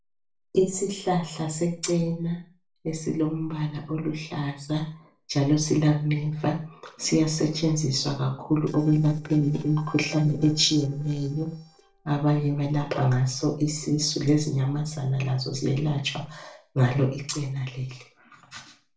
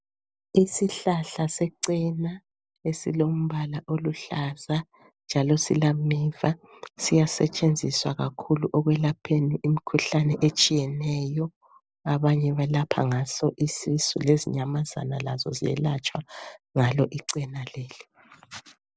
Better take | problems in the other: second | noise reduction (neural separator model SepFormer DNS4)

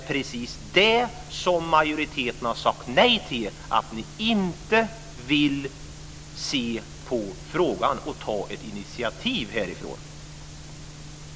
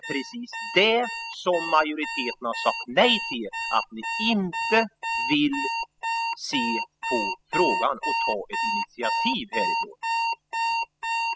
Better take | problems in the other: first | noise reduction (classical method spectral subtraction)

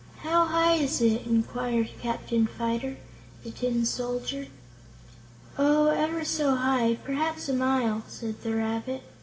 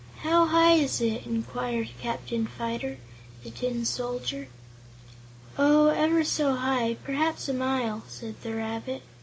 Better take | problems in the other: second | room echo; dies away in 1.1 s

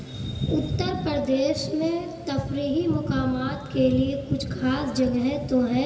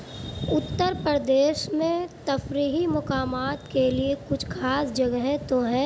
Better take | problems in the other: second | room echo; dies away in 2.3 s

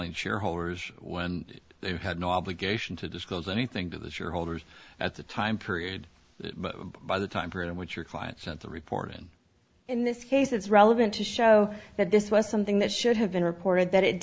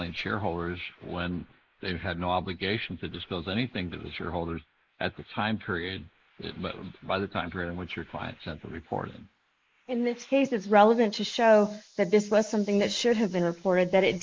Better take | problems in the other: first | noise reduction (neural mask model Resemble Enhance denoiser)

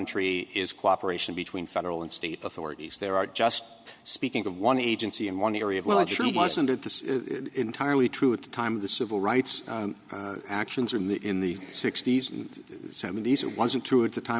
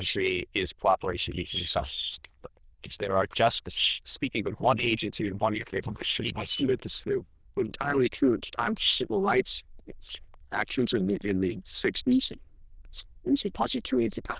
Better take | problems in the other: first | noise reduction (neural diffusion model UNIVERSE++)

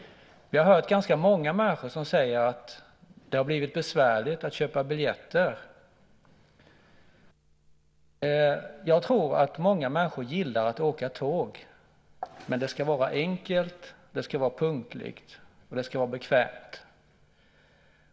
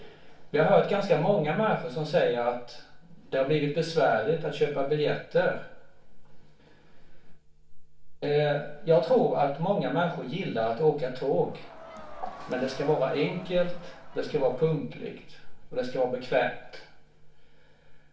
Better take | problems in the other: first | background sound (Crowd); 18 dB below the speech // room echo; dies away in 0.4 s

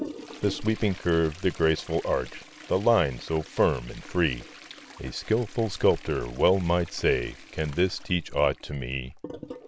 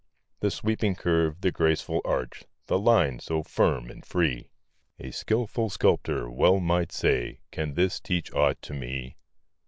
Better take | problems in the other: second | background sound (Toilet flush); 17 dB below the speech

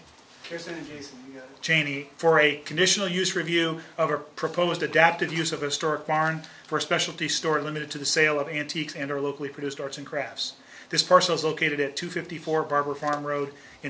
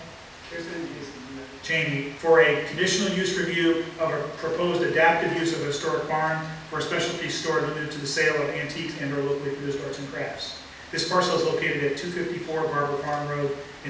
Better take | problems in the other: first | background sound (Rain); 19 dB below the speech // room echo; dies away in 0.8 s

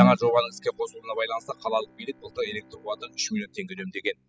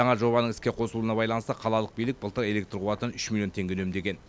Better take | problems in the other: second | noise reduction (classical method spectral subtraction)

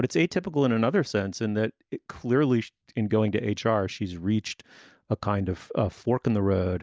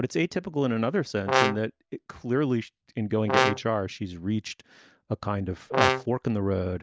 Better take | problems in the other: first | background sound (Brass instrument); 2 dB above the speech

